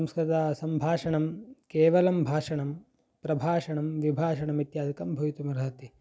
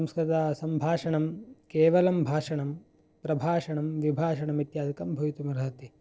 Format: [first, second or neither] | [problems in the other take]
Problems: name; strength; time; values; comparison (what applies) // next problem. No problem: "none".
first | noise reduction (neural separator model SepFormer DNS4)